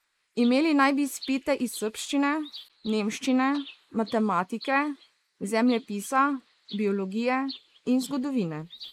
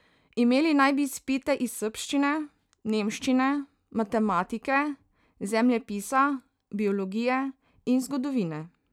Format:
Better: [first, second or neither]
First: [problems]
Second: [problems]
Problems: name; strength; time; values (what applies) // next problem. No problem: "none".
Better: second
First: noise reduction (neural mask model Resemble Enhance denoiser)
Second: none